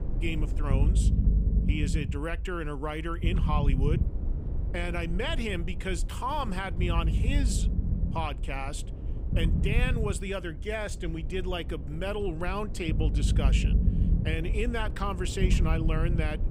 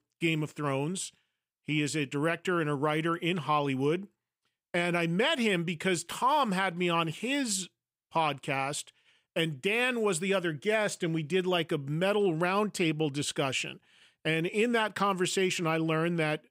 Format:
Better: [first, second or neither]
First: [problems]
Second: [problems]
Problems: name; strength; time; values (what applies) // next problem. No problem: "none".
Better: second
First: low rumble; loud; throughout; 9 dB below the speech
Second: none